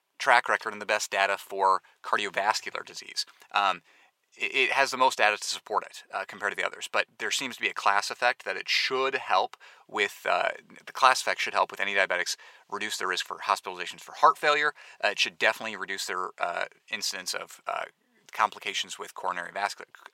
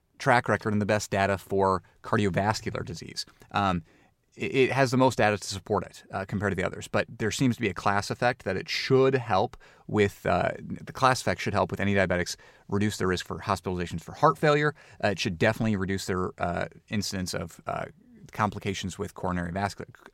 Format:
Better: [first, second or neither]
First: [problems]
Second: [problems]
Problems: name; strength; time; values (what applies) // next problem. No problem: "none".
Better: second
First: thin; very; fading below 700 Hz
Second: none